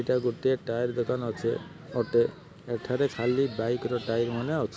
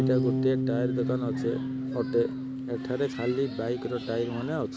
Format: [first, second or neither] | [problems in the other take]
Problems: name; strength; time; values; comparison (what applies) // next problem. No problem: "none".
first | background sound (Bass guitar); 1 dB below the speech